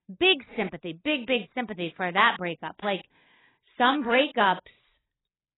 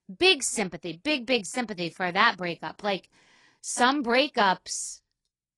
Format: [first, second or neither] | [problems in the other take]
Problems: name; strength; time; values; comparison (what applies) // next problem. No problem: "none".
second | garbled, watery; badly; nothing above 3.5 kHz; slightly in the second